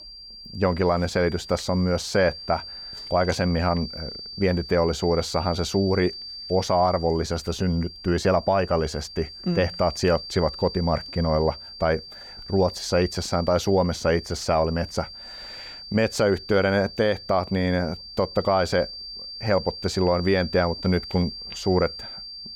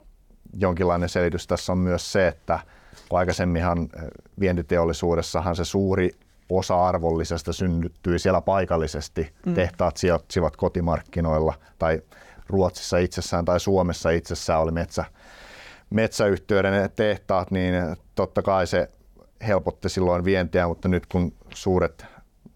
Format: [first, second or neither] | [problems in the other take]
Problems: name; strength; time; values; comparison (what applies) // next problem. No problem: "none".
second | high-pitched whine; noticeable; throughout; 4.5 kHz, 10 dB below the speech